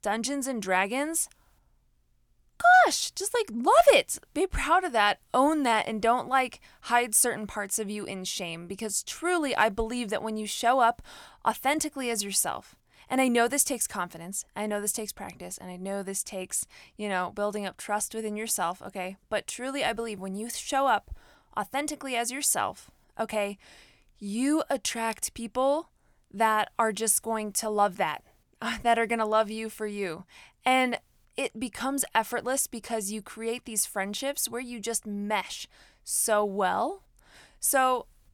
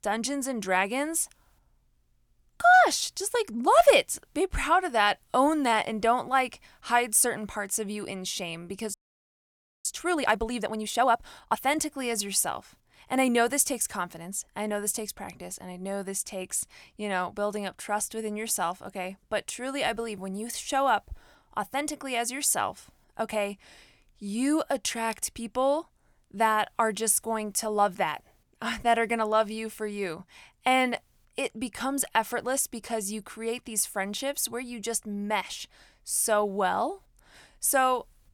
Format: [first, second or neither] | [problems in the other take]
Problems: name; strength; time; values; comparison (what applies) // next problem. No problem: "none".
first | audio freezing; at 9 s for 1 s